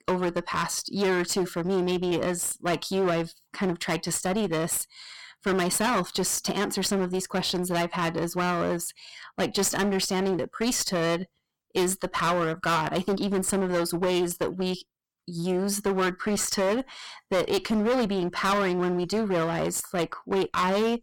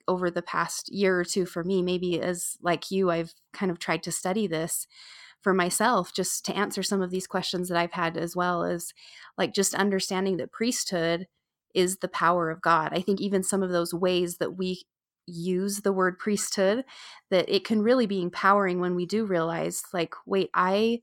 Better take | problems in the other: second | distortion; heavy; 16% of the sound clipped

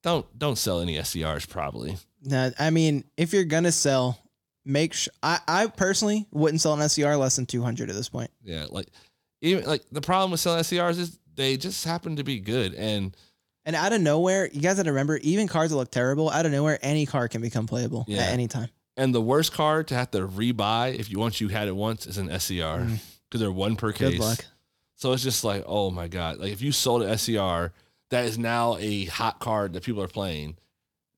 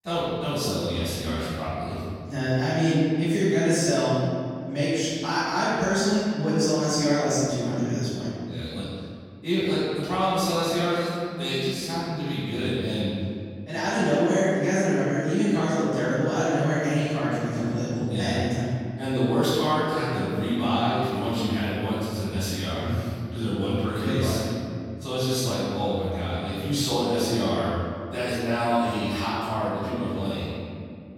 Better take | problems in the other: first | off-mic speech; far // room echo; strong; dies away in 2.2 s

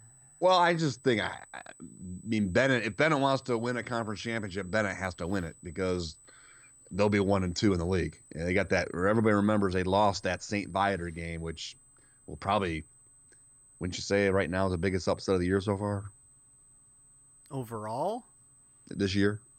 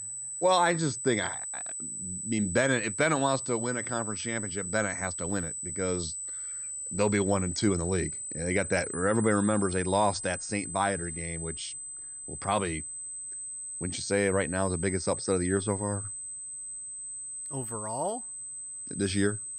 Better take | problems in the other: first | high-pitched whine; loud; throughout; 8 kHz, 5 dB below the speech; faint in the first

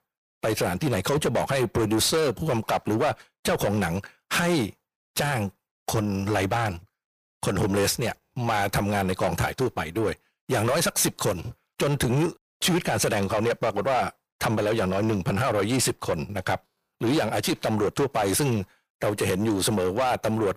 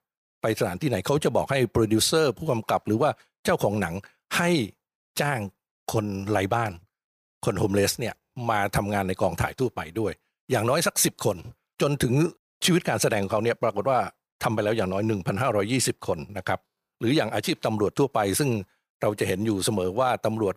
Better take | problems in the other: second | distortion; heavy; 8 dB below the speech

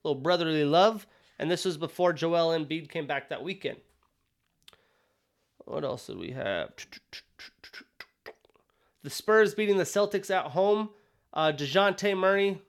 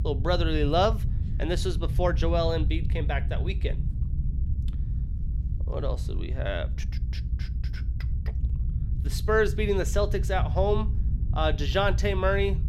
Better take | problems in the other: first | low rumble; noticeable; throughout; 15 dB below the speech

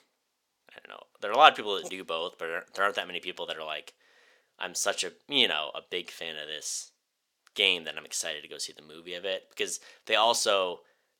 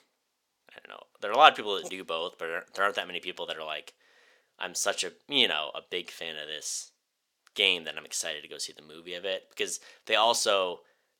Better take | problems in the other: neither | thin; somewhat; fading below 450 Hz; the same in both

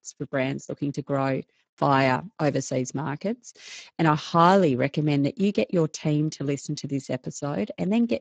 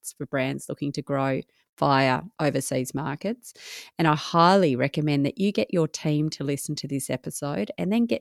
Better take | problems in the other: second | garbled, watery; badly; nothing above 7.5 kHz

